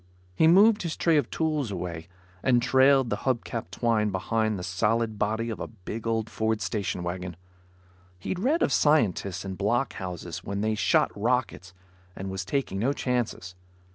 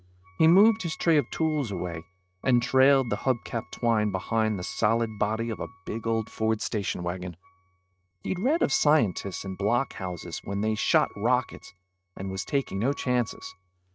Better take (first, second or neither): first